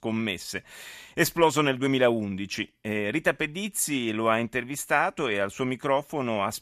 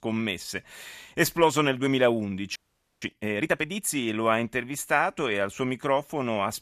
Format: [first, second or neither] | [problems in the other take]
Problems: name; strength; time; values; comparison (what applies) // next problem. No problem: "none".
first | audio freezing; at 2.5 s